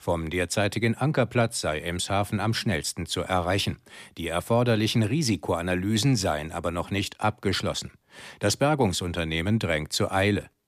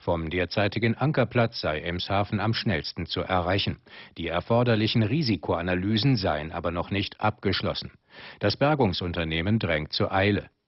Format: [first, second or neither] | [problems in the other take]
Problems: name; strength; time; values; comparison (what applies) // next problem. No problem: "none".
first | garbled, watery; badly; nothing above 5.5 kHz